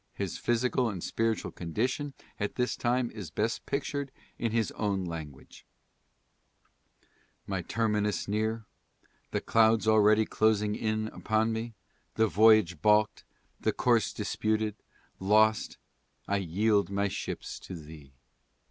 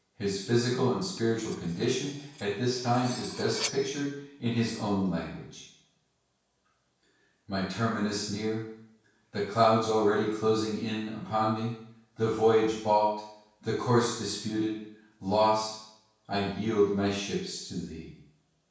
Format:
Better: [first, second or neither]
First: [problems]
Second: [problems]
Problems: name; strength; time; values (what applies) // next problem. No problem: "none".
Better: first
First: none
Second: background sound (Cutlery, silverware); 14 dB below the speech // room echo; dies away in 0.7 s